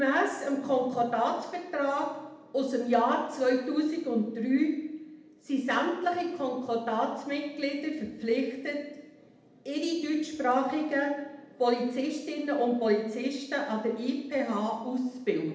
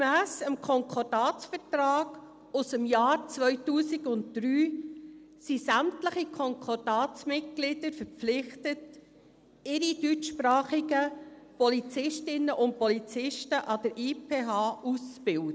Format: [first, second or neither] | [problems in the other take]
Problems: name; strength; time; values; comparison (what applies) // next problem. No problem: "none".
second | room echo; dies away in 0.8 s